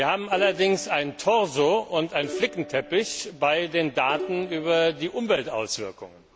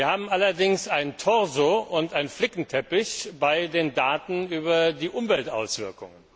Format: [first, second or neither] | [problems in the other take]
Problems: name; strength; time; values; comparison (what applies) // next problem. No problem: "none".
second | background sound (Plucked string instrument); 15 dB below the speech